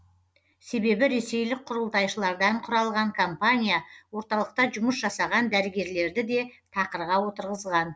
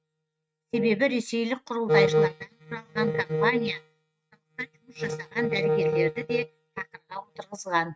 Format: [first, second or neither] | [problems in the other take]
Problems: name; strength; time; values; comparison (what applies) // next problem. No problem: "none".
first | noise reduction (neural mask model RNNoise)